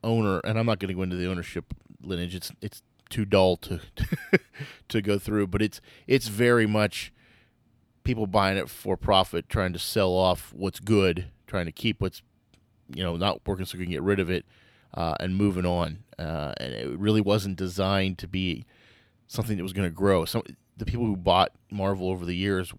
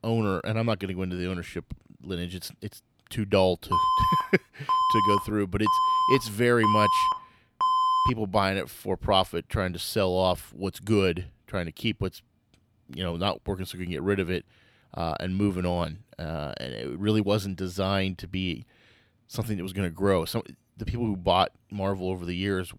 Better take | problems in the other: first | alarm; loud; from 3.5 to 8 s; peak 6 dB above the speech

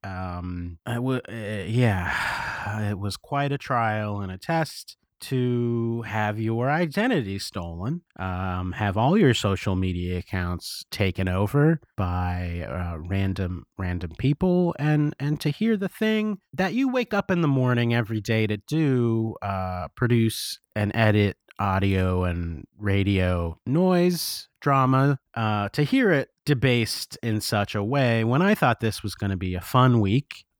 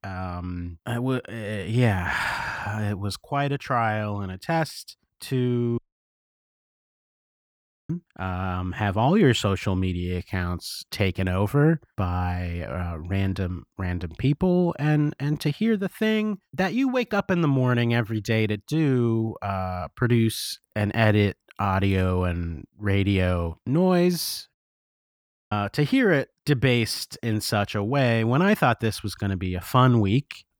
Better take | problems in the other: first | audio cutting out; at 6 s for 2 s and at 25 s for 1 s

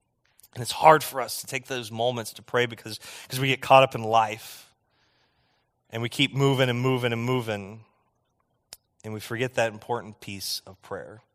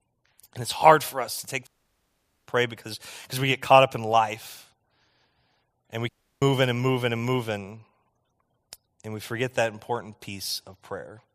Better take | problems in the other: first | audio cutting out; at 1.5 s for 1 s and at 6 s

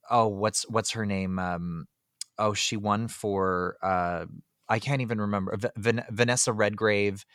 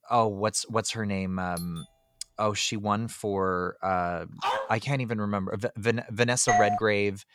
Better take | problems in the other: first | doorbell; faint; at 1.5 s; peak 15 dB below the speech // dog barking; noticeable; at 4.5 s; peak 2 dB below the speech // doorbell; loud; at 6.5 s; peak 4 dB above the speech

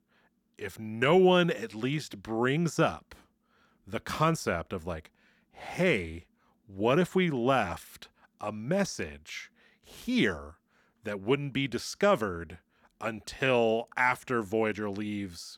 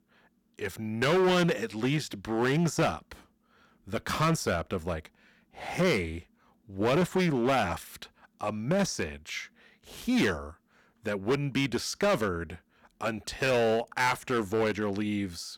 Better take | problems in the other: first | distortion; heavy; 8% of the sound clipped

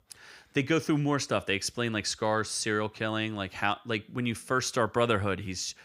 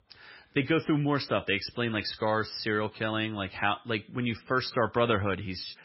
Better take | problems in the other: first | garbled, watery; badly; nothing above 5.5 kHz

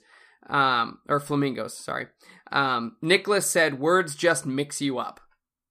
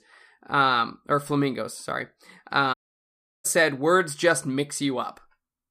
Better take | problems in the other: first | audio cutting out; at 2.5 s for 0.5 s

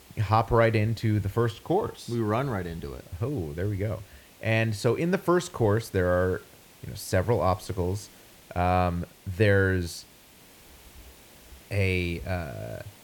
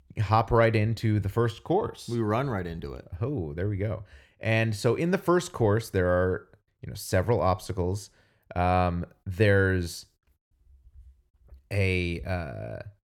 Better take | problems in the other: second | hiss; faint; throughout; 25 dB below the speech

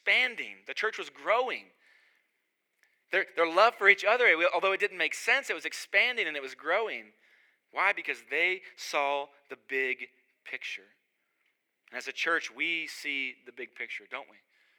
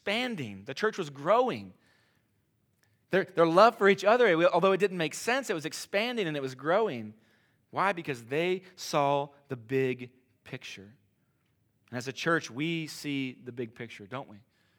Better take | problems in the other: second | thin; very; fading below 400 Hz

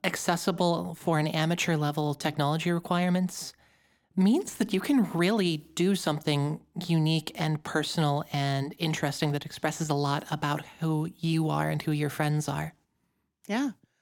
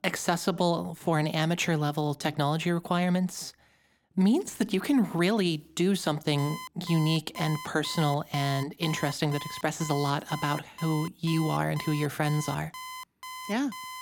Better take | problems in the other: first | alarm; faint; from 6.5 s on; peak 10 dB below the speech

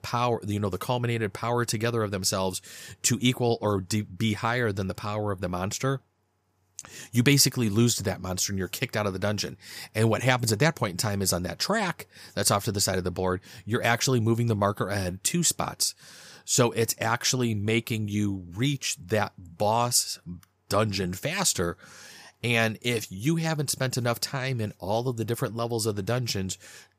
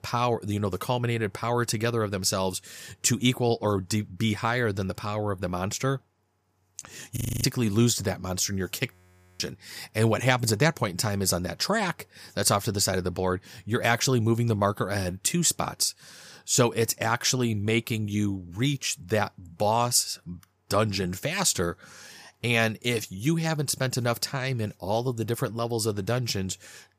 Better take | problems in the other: first | audio freezing; at 7 s and at 9 s

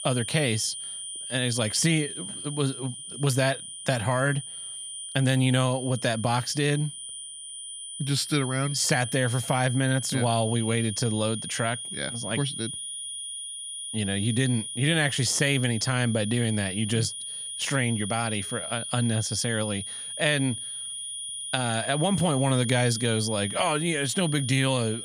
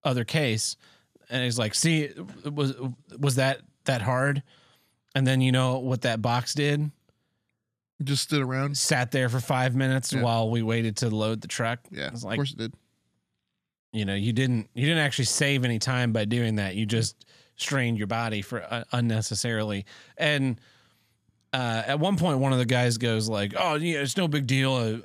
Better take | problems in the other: second | high-pitched whine; loud; throughout; 9.5 kHz, 7 dB below the speech

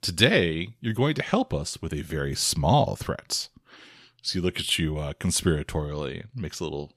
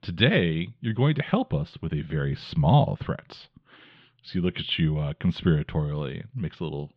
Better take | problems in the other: first | muffled; very; fading above 3.5 kHz

